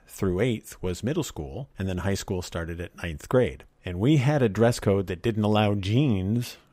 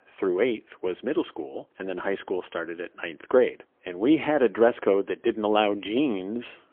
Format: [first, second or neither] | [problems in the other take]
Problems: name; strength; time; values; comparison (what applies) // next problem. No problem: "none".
first | phone-call audio; poor line; nothing above 3.5 kHz